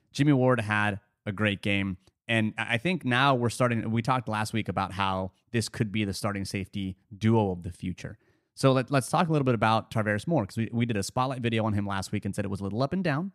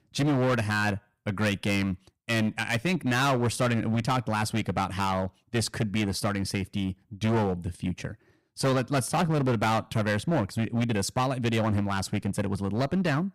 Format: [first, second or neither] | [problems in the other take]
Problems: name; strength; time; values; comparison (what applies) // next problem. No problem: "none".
first | distortion; heavy; 13% of the sound clipped